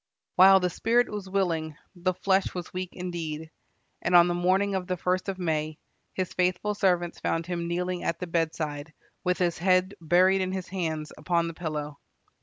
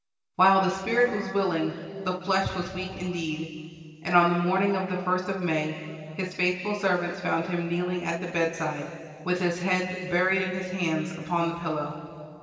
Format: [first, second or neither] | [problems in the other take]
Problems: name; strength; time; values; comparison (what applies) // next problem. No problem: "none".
first | room echo; dies away in 2.5 s